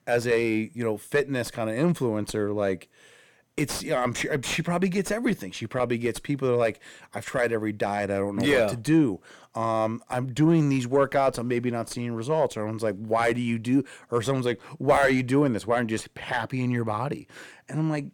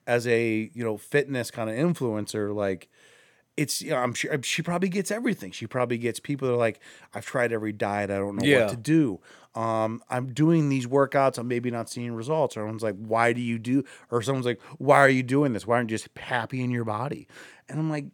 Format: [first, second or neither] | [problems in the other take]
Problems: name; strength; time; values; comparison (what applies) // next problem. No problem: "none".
second | distortion; slight; 10 dB below the speech